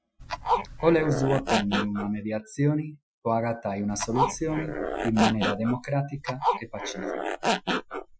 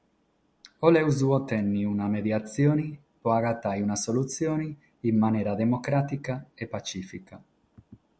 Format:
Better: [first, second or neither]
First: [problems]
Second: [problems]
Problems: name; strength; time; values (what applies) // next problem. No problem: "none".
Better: second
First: noise reduction (classical method Wiener filter)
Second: none